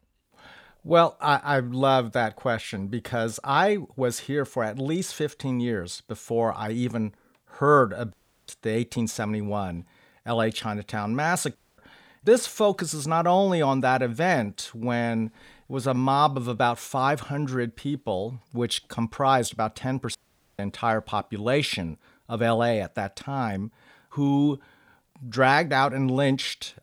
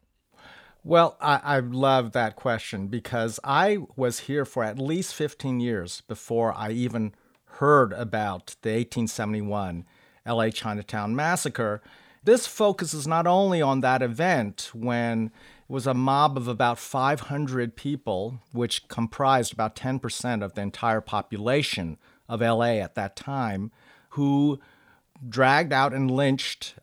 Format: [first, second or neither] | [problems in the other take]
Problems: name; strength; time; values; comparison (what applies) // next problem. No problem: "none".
second | audio cutting out; at 8 s, at 12 s and at 20 s